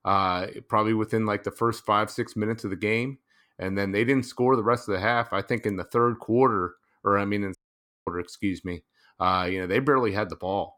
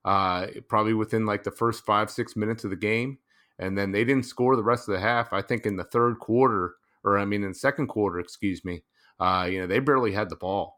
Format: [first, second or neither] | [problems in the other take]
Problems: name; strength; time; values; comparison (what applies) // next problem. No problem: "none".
second | audio cutting out; at 7.5 s for 0.5 s